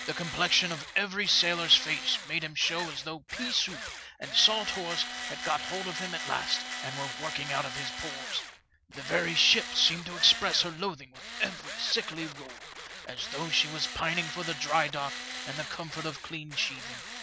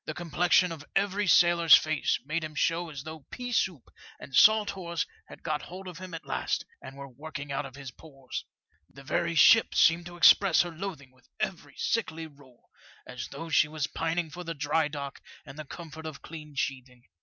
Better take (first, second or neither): second